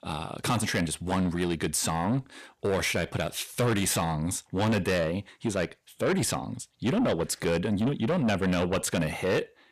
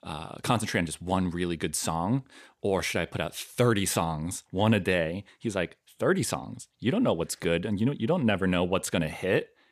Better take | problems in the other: second | distortion; heavy; 8 dB below the speech

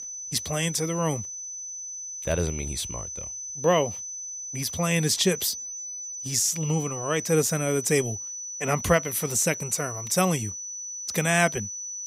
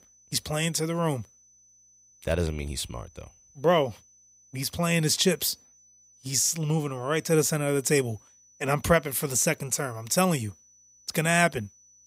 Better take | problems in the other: second | high-pitched whine; loud; throughout; 6 kHz, 7 dB below the speech; faint in the second

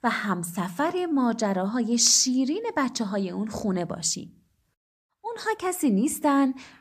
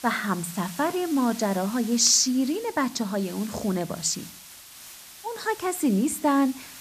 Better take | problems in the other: first | hiss; noticeable; throughout; 15 dB below the speech

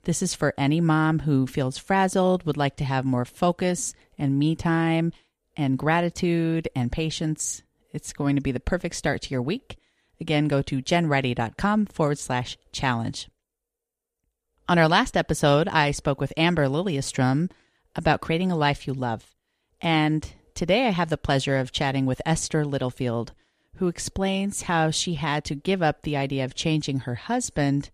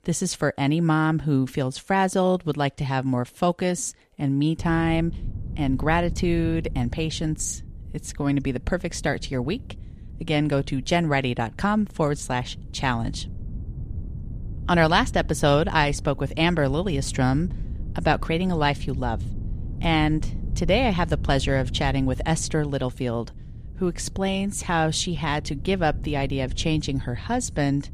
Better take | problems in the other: first | wind noise on the microphone; occasional gusts; from 4.5 s on; 25 dB below the speech

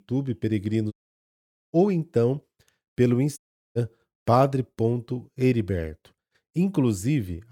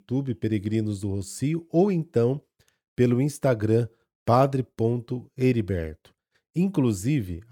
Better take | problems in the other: second | audio cutting out; at 1 s for 1 s and at 3.5 s

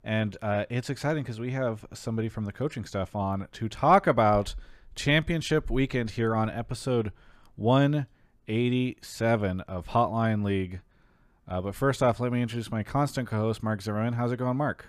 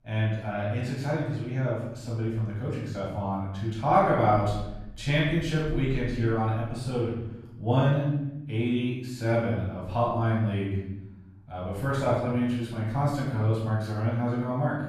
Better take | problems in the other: first | off-mic speech; far // room echo; noticeable; dies away in 1 s

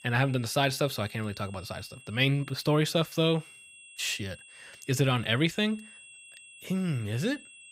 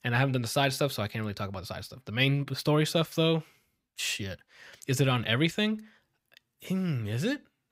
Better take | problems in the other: second | high-pitched whine; faint; throughout; 2.5 kHz, 20 dB below the speech

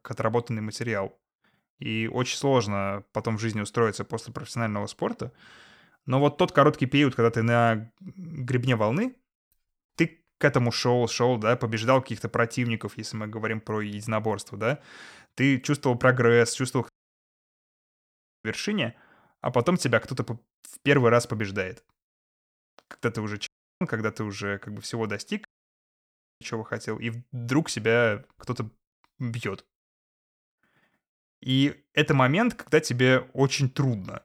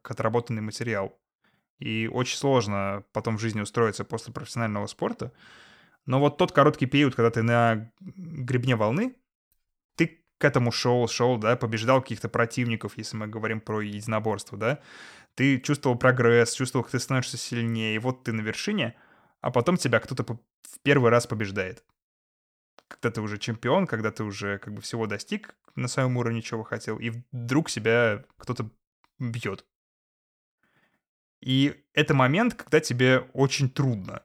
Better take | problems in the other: second | audio cutting out; at 17 s for 1.5 s, at 23 s and at 25 s for 1 s

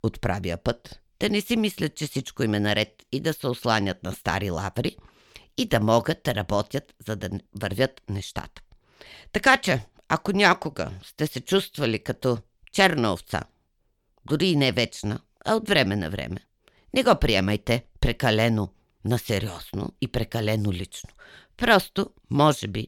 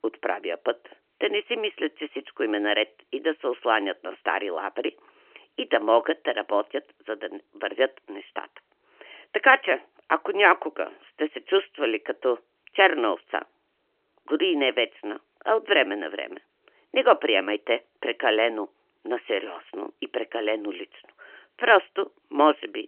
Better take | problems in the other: first | phone-call audio; nothing above 3 kHz

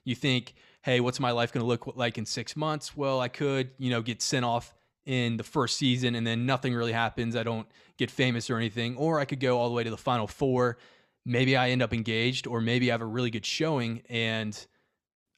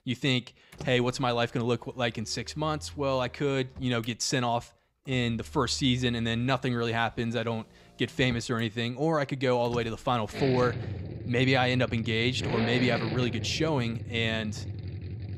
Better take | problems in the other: first | traffic noise; loud; throughout; 9 dB below the speech

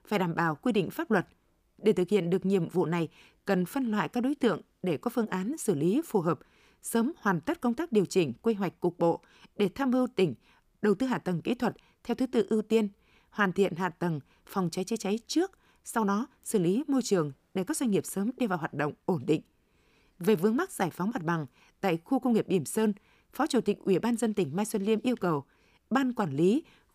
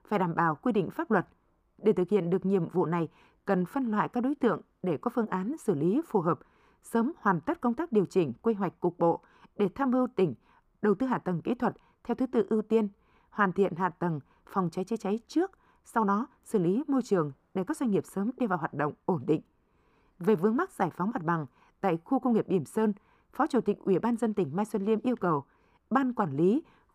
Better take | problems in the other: first | muffled; slightly; fading above 2 kHz

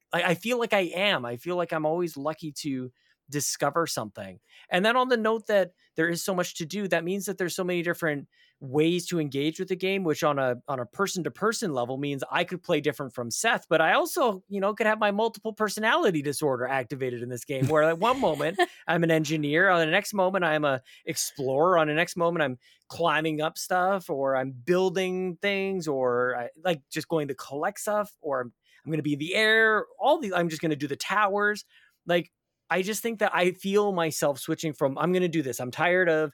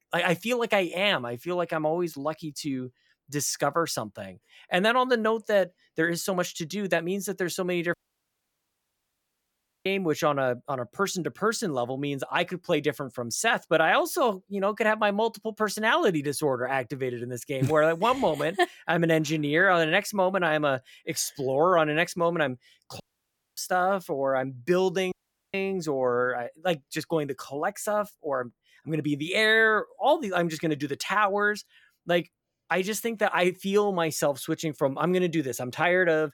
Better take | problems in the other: first | audio cutting out; at 8 s for 2 s, at 23 s for 0.5 s and at 25 s

